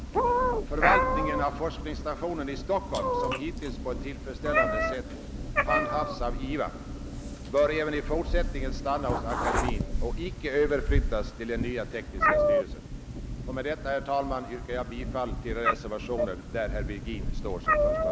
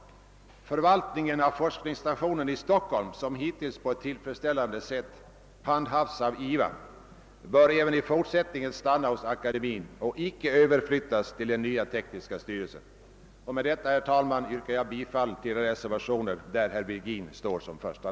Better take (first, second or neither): second